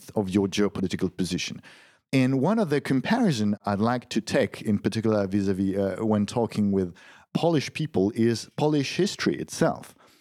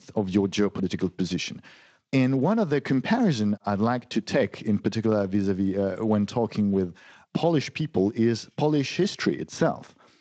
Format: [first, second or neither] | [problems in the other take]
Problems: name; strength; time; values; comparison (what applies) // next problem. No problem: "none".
first | garbled, watery; slightly